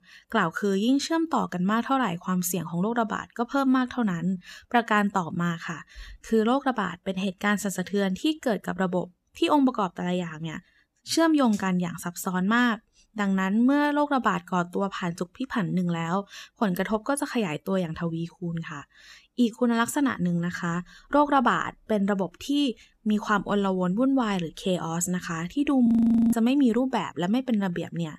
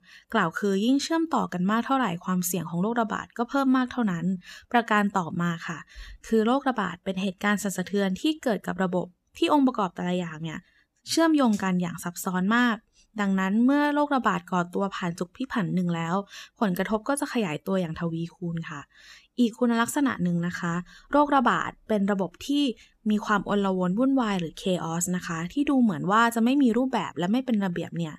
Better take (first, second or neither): second